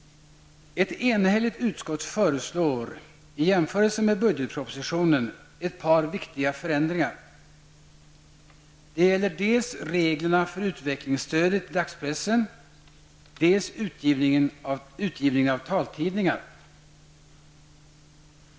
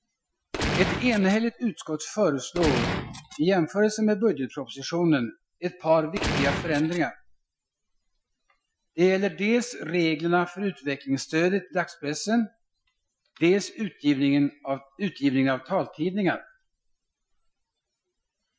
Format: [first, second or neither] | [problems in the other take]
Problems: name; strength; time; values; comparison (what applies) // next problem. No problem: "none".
first | noise reduction (classical method Wiener filter)